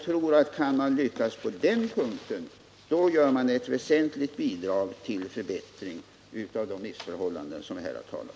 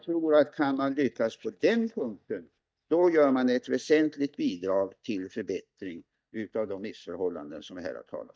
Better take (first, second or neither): first